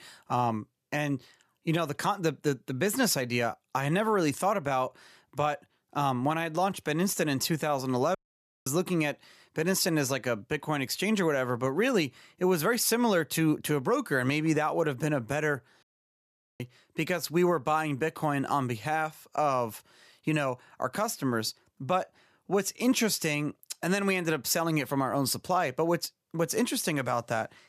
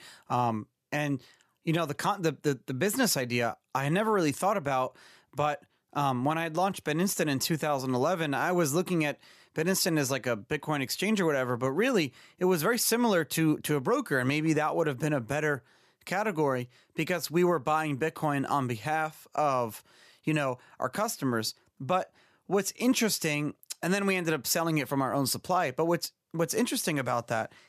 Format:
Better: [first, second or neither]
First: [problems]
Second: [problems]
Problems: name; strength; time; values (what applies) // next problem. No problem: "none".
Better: second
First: audio cutting out; at 8 s for 0.5 s and at 16 s for 1 s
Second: none